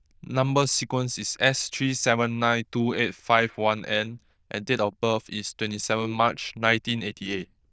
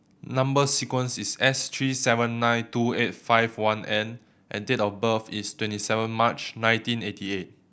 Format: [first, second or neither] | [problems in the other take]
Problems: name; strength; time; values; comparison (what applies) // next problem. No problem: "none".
second | noise reduction (neural diffusion model UNIVERSE++)